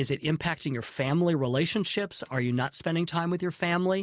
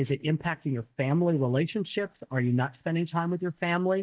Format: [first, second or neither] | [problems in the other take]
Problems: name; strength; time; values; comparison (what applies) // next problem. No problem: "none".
first | noise reduction (neural mask model DeepFilterNet 3)